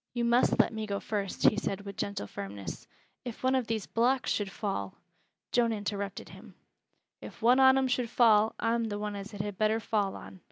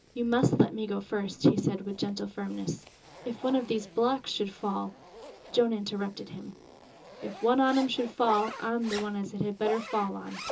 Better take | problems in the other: first | background sound (Zipper (clothing)); 15 dB below the speech // room echo; dies away in 0.2 s

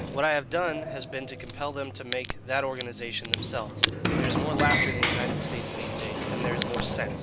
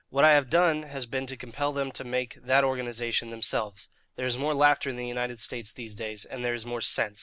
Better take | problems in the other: second | background sound (Crack + Sliding door); 2 dB above the speech

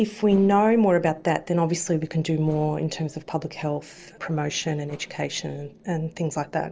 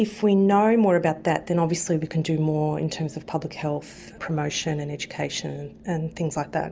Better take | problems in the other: second | noise reduction (neural separator model SepFormer DNS4)

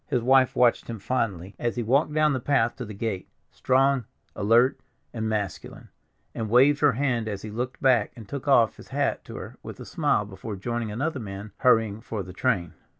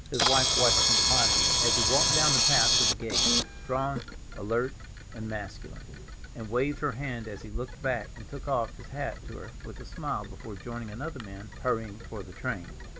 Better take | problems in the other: first | background sound (Camera); 4 dB above the speech

